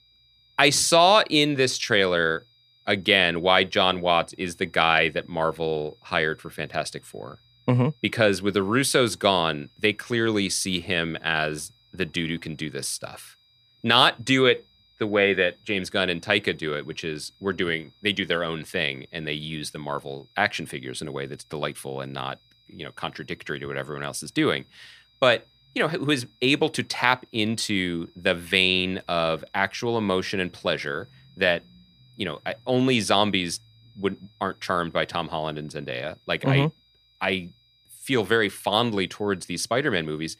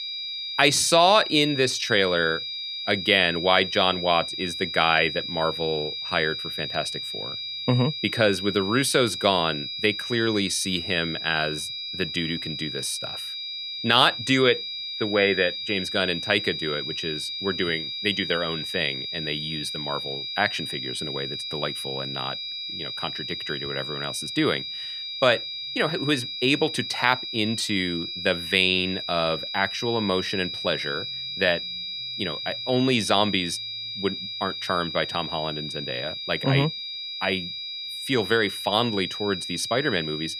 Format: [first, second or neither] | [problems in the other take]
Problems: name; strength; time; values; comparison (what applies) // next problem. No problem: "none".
first | high-pitched whine; loud; throughout; 4 kHz, 5 dB below the speech; faint in the first